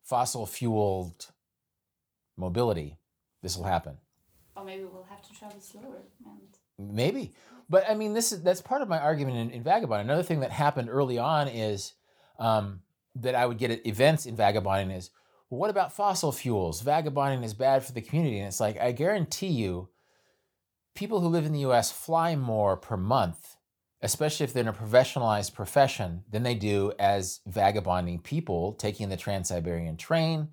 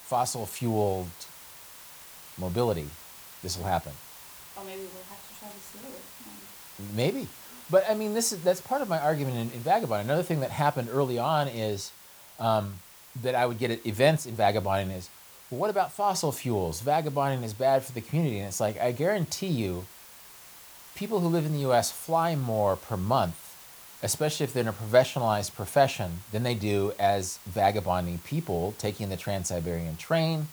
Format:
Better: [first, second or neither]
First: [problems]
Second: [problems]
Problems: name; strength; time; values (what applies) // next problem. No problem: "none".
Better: first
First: none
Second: hiss; noticeable; throughout; 15 dB below the speech